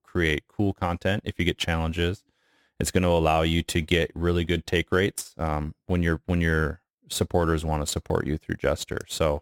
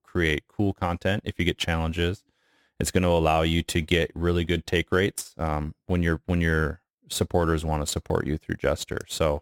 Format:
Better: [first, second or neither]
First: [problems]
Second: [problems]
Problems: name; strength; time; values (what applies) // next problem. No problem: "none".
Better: neither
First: none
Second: none